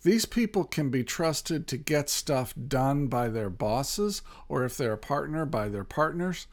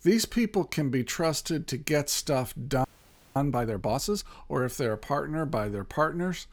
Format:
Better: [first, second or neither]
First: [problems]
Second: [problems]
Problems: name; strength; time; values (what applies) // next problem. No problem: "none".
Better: first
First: none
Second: audio freezing; at 3 s for 0.5 s